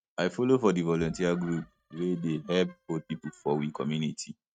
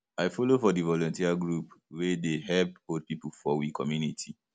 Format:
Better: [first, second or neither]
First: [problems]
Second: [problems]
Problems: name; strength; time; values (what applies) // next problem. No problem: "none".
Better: second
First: noise reduction (neural mask model RNNoise)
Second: none